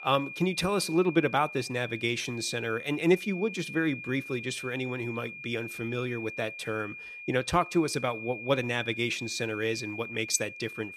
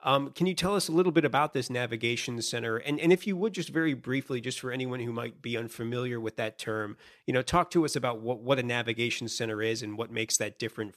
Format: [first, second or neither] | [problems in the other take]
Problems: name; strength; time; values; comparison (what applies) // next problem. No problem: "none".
second | high-pitched whine; loud; throughout; 2.5 kHz, 10 dB below the speech